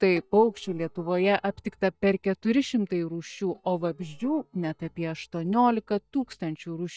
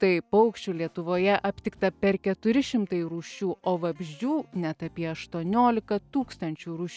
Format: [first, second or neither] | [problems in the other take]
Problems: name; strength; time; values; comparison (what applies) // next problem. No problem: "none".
second | noise reduction (neural mask model DeepFilterNet 3)